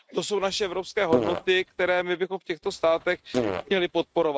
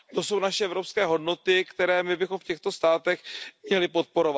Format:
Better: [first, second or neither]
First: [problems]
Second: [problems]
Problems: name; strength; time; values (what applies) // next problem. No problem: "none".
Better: second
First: noise reduction (neural mask model RNNoise)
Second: none